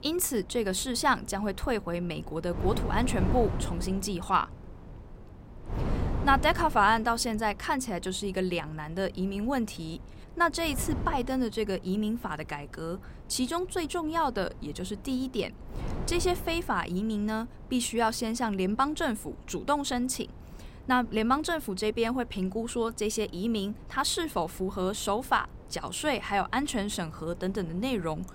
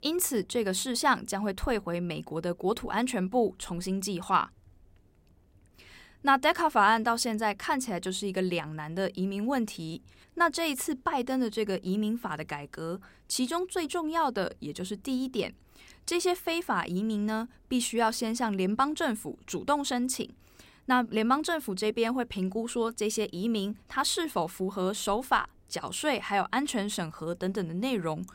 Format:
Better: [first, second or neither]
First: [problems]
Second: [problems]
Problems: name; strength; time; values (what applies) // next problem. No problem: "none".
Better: second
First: wind noise on the microphone; occasional gusts; 20 dB below the speech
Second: none